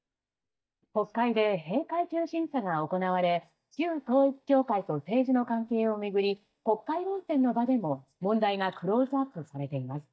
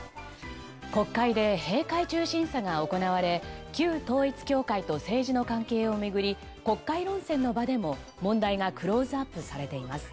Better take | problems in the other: second | noise reduction (neural mask model DeepFilterNet 3)

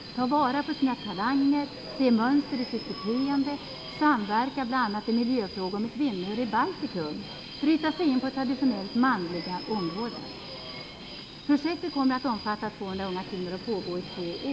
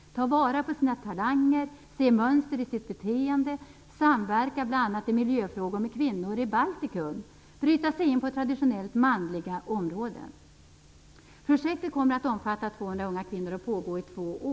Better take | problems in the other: second | background sound (Subway, metro, underground); 13 dB below the speech

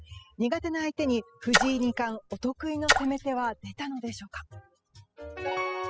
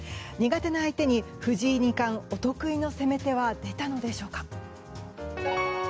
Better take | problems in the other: second | noise reduction (classical method spectral subtraction)

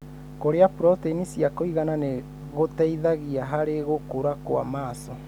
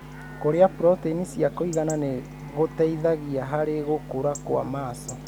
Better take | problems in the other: first | background sound (Chatter / Chirp, tweet / Livestock, farm animals, working animals); 20 dB below the speech

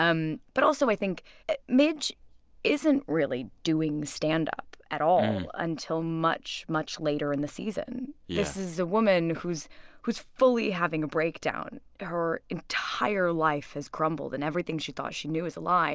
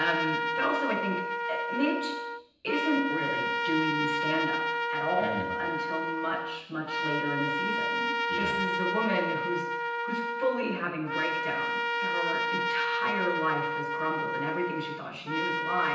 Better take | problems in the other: first | background sound (Trumpet); 2 dB above the speech // room echo; dies away in 0.9 s

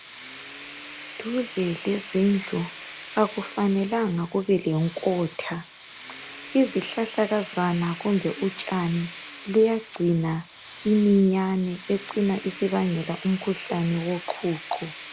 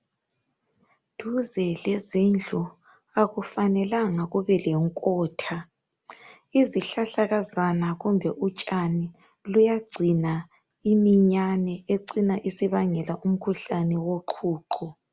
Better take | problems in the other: second | background sound (Tools); 16 dB below the speech

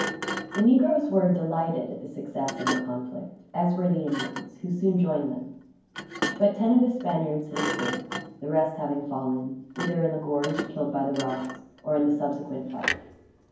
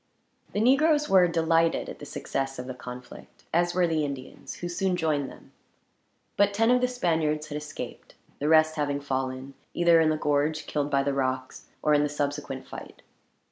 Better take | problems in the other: second | background sound (Thump, thud); 9 dB below the speech // room echo; dies away in 0.9 s

